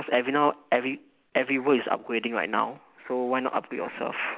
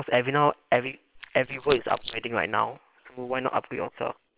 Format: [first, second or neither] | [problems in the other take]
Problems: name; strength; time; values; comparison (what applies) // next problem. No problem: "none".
first | noise reduction (neural separator model SepFormer WHAM!)